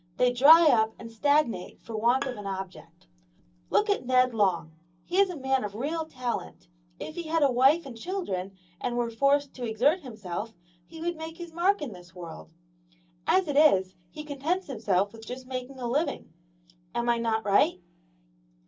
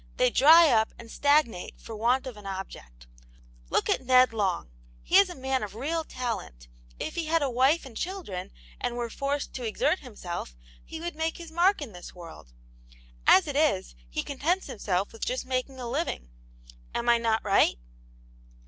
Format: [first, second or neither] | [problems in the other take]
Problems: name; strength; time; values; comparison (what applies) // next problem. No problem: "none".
second | background sound (Bowed string instrument); 17 dB below the speech // room echo; dies away in 0.4 s